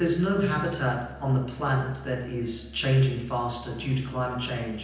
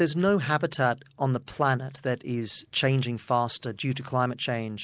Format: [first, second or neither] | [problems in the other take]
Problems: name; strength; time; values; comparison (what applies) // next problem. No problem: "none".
second | background sound (Musical instrument); 18 dB below the speech // room echo; dies away in 0.9 s